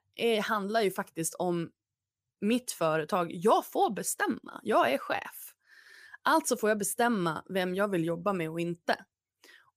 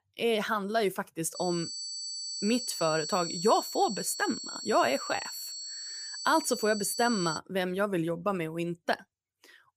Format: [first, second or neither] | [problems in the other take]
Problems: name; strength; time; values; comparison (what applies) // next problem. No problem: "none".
first | high-pitched whine; loud; from 1.5 to 7.5 s; 4.5 kHz, 6 dB below the speech